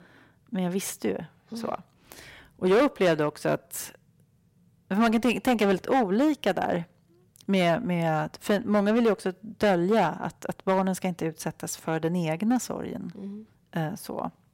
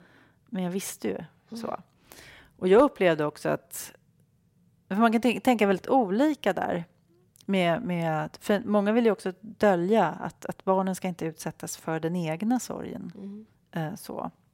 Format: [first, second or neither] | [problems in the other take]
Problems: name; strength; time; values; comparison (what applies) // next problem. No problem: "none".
second | distortion; slight; 4% of the sound clipped